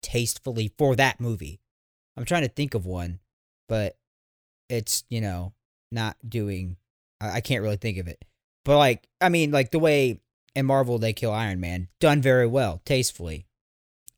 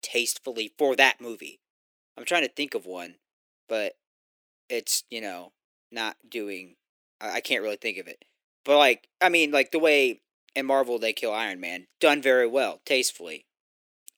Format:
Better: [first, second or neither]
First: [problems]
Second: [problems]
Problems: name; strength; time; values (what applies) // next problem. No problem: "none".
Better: first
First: none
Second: thin; somewhat; fading below 300 Hz